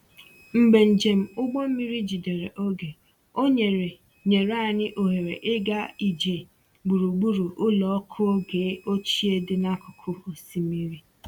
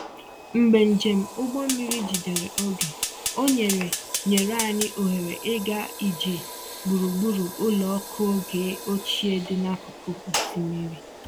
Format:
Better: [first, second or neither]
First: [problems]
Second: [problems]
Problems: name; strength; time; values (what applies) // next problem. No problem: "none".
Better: first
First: none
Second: background sound (Fire); 8 dB below the speech